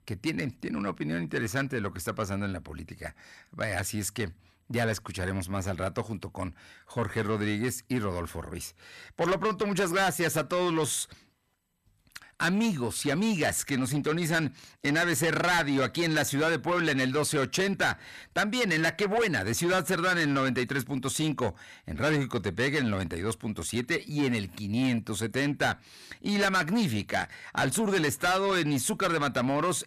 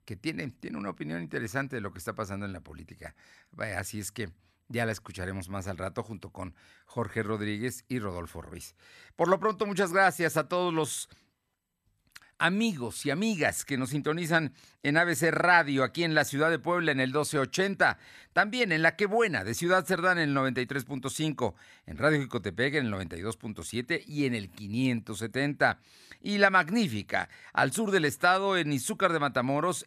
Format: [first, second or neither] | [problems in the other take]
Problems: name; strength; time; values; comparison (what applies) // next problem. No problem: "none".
second | distortion; heavy; 6 dB below the speech